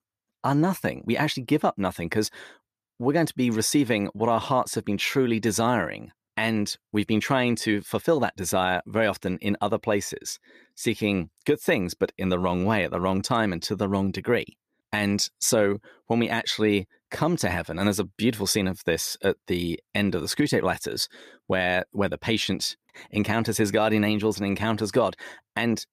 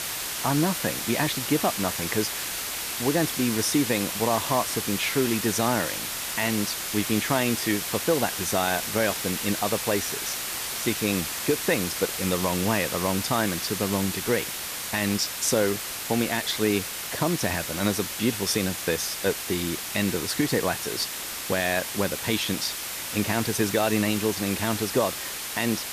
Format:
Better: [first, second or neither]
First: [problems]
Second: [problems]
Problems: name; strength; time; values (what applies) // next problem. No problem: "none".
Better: first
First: none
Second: hiss; loud; throughout; 3 dB below the speech